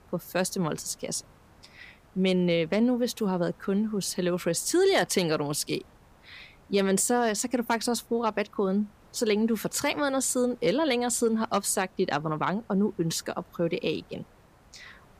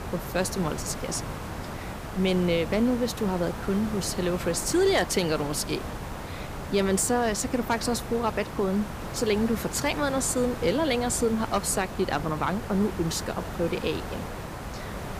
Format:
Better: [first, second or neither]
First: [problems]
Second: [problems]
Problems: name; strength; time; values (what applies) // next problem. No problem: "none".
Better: first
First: hiss; faint; throughout; 30 dB below the speech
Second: hiss; loud; throughout; 9 dB below the speech